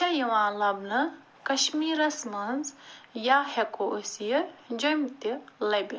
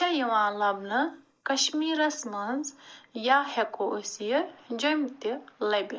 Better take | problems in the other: first | noise reduction (neural mask model Resemble Enhance denoiser)

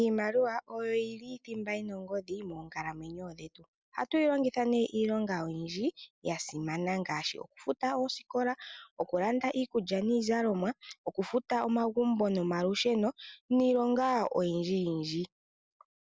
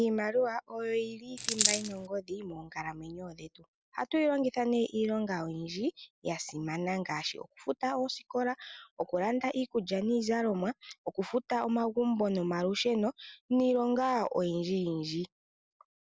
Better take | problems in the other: first | background sound (Coin (dropping)); 2 dB above the speech

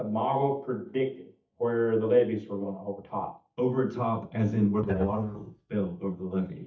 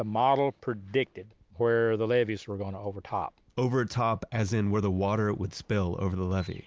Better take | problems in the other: second | noise reduction (neural mask model DeepFilterNet 3)

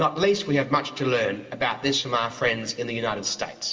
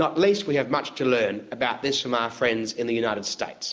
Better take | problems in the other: second | room echo; dies away in 2.2 s

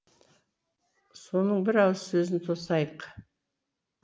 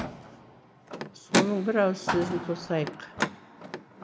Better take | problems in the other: first | background sound (Car); 2 dB below the speech

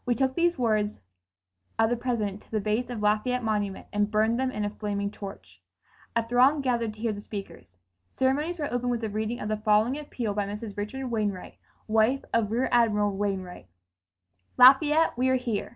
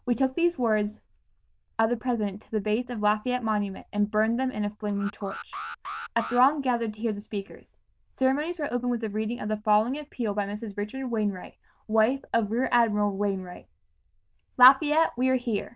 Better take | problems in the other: first | noise reduction (neural diffusion model UNIVERSE++)

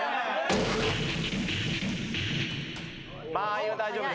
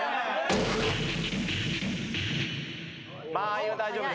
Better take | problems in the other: second | background sound (Computer keyboard); 18 dB below the speech

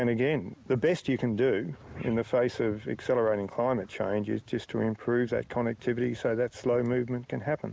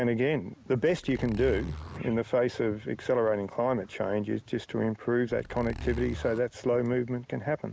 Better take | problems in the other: first | background sound (Zipper (clothing)); 11 dB below the speech

